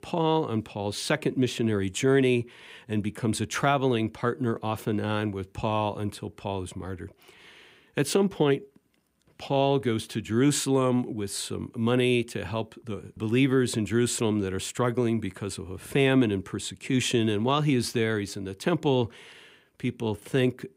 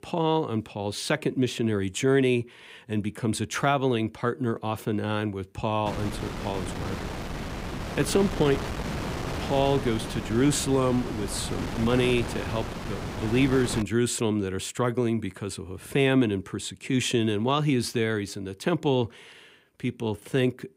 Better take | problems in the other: first | wind noise on the microphone; heavy; from 6 to 14 s; 7 dB below the speech

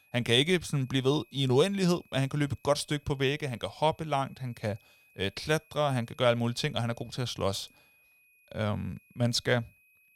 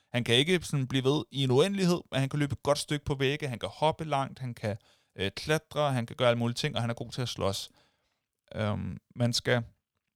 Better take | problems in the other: second | high-pitched whine; faint; throughout; 2.5 kHz, 30 dB below the speech

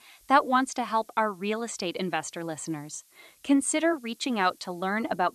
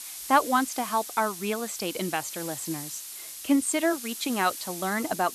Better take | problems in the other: first | hiss; loud; throughout; 9 dB below the speech; faint in the first

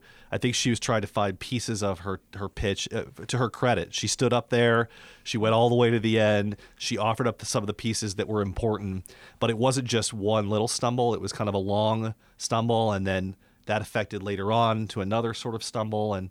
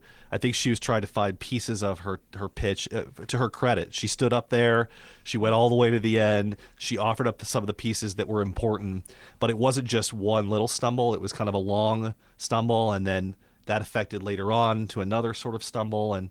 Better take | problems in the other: first | garbled, watery; slightly; nothing above 19 kHz

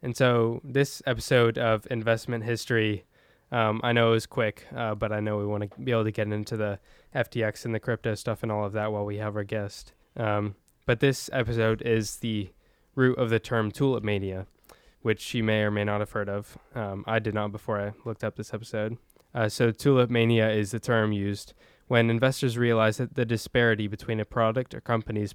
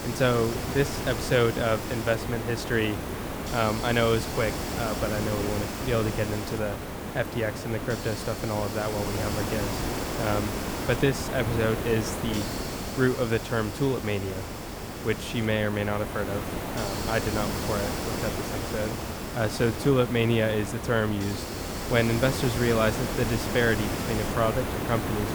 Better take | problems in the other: first | hiss; loud; throughout; 4 dB below the speech

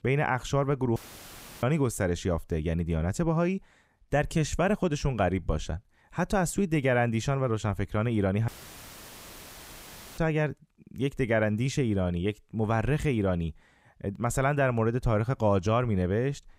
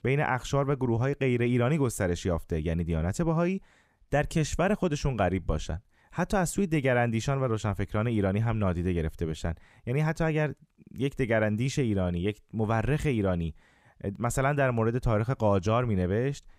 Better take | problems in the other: second | audio cutting out; filled with static; at 1 s for 0.5 s and at 8.5 s for 1.5 s

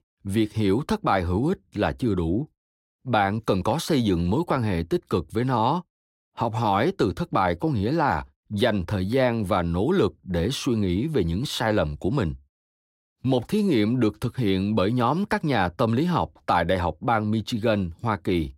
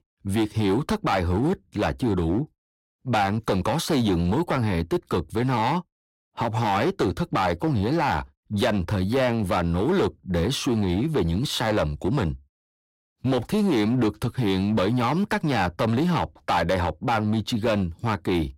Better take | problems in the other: first | distortion; slight; 12% of the sound clipped

